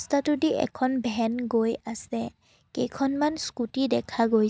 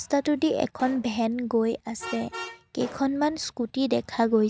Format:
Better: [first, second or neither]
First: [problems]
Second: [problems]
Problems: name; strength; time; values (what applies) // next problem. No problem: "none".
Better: first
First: none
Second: background sound (Vehicle horn, car horn, honking + Explosion); 18 dB below the speech